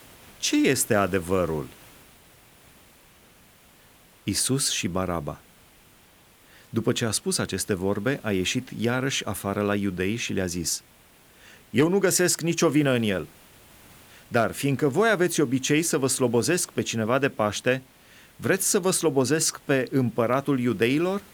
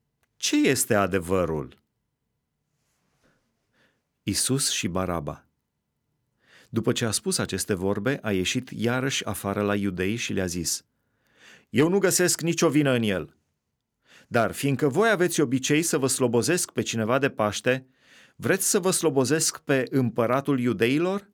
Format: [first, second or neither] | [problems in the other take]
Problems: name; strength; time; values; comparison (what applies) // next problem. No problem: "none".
second | hiss; faint; throughout; 25 dB below the speech